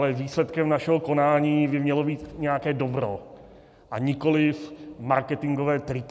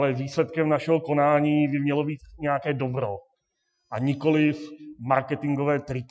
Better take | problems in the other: first | noise reduction (classical method Wiener filter)

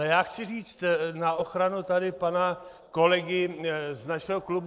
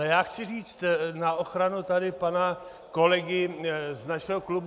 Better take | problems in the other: second | noise reduction (neural separator model SepFormer DNS4)

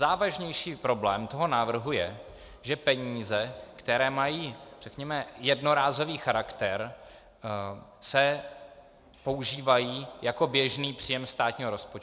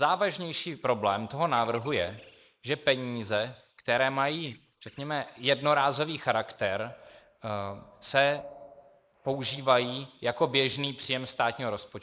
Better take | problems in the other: first | noise reduction (neural mask model Resemble Enhance denoiser)

